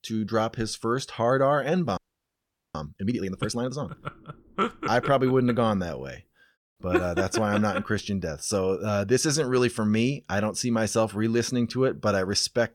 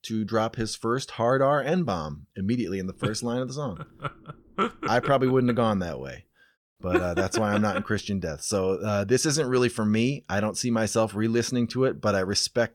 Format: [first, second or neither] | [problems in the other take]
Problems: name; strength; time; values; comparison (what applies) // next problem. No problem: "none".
second | audio freezing; at 2 s for 1 s